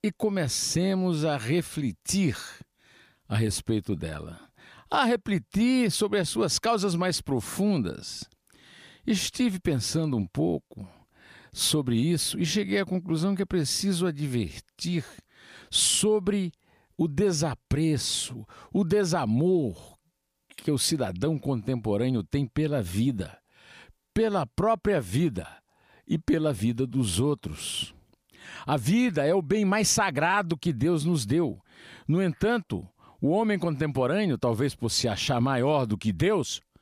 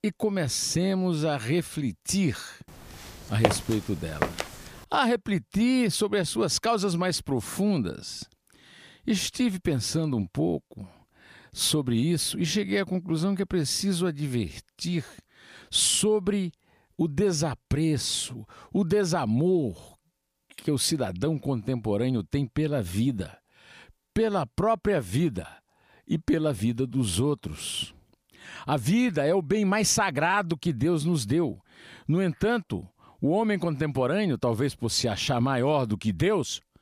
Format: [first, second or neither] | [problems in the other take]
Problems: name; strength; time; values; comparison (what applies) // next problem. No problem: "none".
first | footsteps; loud; at 3.5 s; peak level with the speech